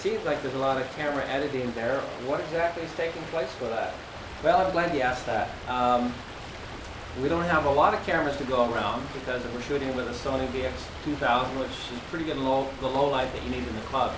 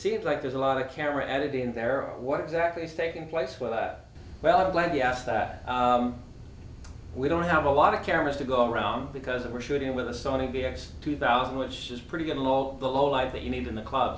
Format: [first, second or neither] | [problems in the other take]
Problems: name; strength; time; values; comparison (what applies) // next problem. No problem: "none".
second | background sound (Stream); 13 dB below the speech